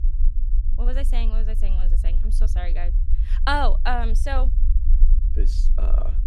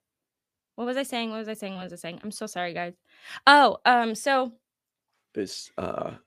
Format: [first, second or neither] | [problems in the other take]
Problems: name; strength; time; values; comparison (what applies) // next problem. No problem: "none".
second | low rumble; noticeable; throughout; 20 dB below the speech